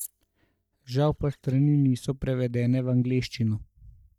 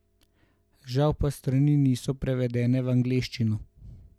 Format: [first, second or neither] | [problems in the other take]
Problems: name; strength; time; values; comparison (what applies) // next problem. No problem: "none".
second | noise reduction (neural mask model DeepFilterNet 3)